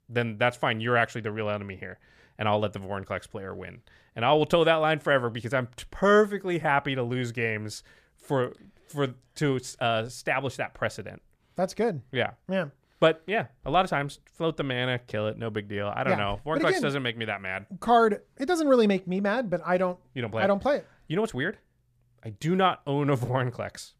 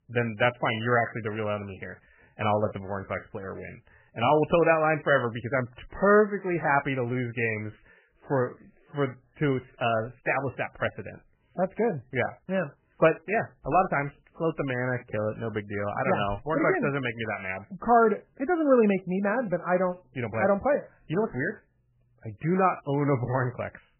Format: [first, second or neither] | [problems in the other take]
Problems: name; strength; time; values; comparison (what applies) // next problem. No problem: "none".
first | garbled, watery; badly; nothing above 3 kHz